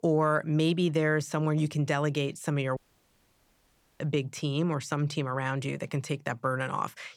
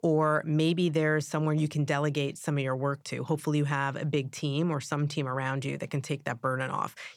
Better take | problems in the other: second | audio cutting out; at 3 s for 1 s

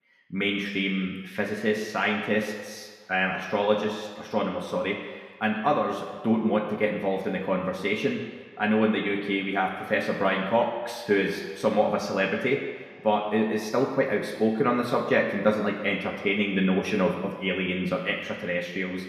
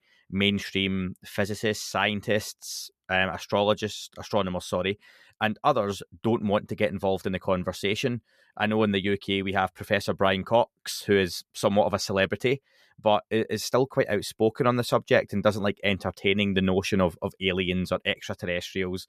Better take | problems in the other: second | room echo; noticeable; dies away in 1.6 s // off-mic speech; somewhat distant

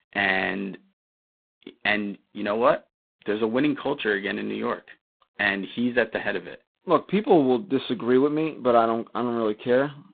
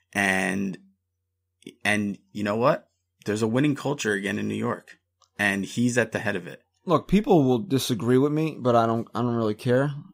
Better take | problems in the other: second | phone-call audio; poor line; nothing above 4 kHz

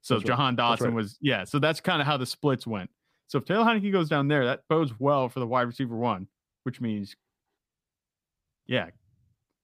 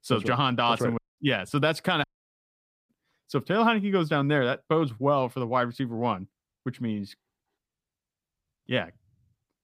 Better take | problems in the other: first | audio cutting out; at 1 s and at 2 s for 1 s

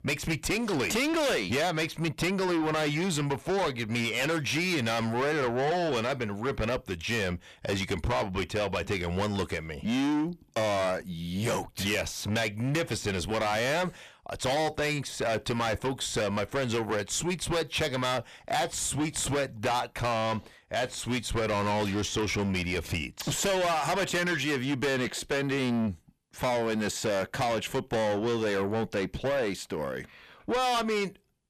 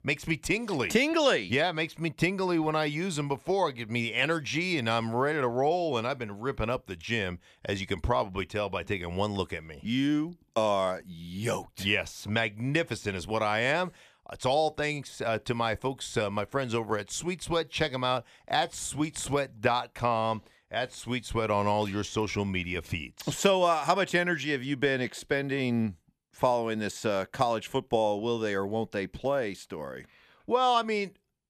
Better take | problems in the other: second | distortion; heavy; 6 dB below the speech

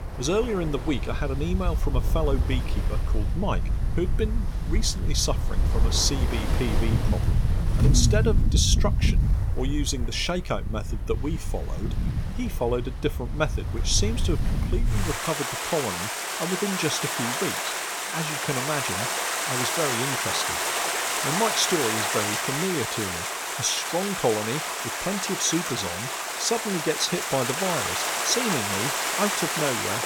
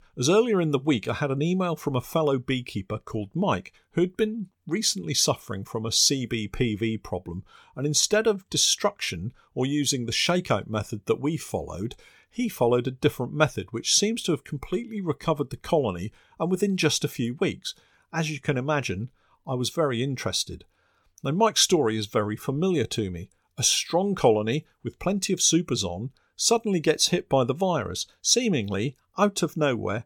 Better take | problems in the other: second | rain or running water; very loud; throughout; 2 dB above the speech

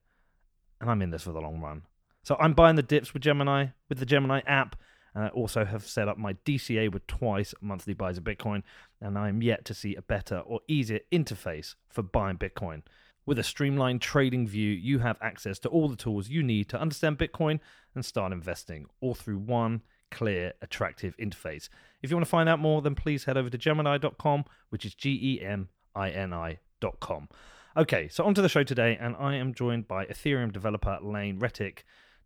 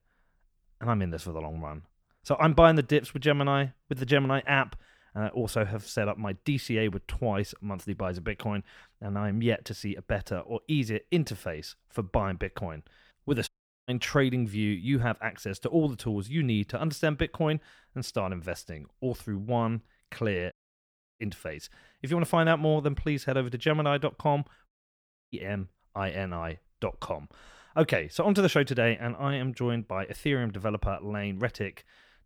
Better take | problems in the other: first | audio cutting out; at 13 s, at 21 s for 0.5 s and at 25 s for 0.5 s

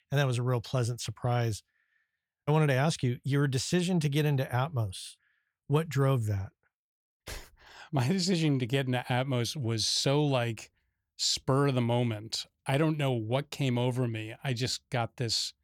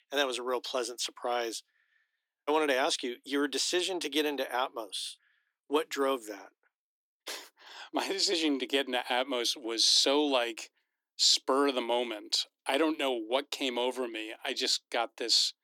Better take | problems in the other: first | thin; somewhat; fading below 300 Hz

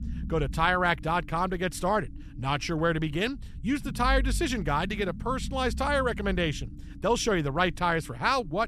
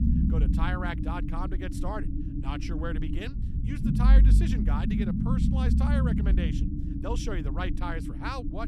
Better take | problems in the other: first | low rumble; loud; throughout; 2 dB below the speech; faint in the first

